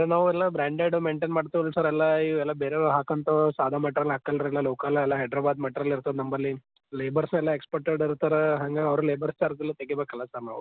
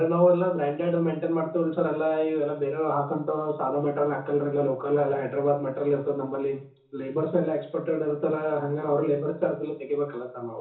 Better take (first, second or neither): first